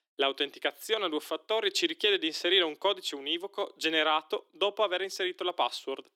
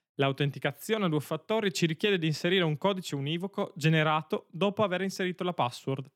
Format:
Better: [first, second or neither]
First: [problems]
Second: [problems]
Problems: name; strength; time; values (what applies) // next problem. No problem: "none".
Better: second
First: thin; very; fading below 300 Hz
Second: none